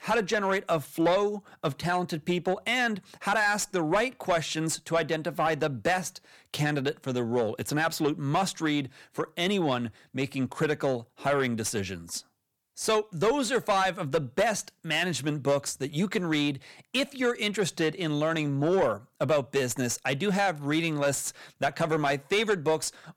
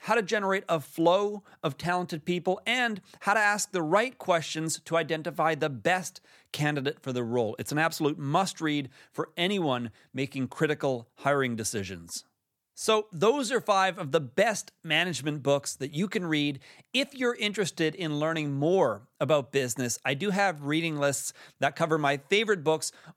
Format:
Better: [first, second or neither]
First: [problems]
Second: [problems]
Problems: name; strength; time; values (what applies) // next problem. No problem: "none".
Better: second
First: distortion; slight; 10 dB below the speech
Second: none